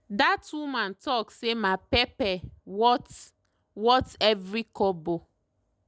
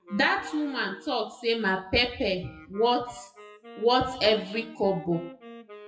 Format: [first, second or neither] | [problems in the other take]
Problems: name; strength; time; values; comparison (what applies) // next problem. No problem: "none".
first | noise reduction (classical method WPE with log-MMSE)